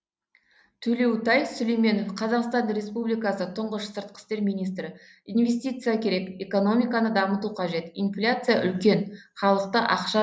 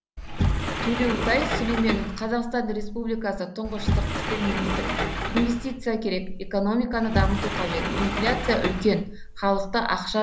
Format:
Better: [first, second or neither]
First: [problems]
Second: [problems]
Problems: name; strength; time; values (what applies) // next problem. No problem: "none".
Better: first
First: none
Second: background sound (Sliding door); 1 dB below the speech